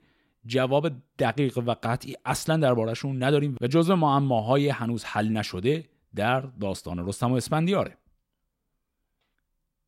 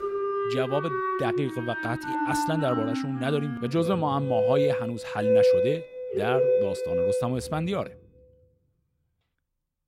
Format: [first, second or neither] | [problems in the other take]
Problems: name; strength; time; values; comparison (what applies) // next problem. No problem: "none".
first | background music; very loud; until 7 s; 3 dB above the speech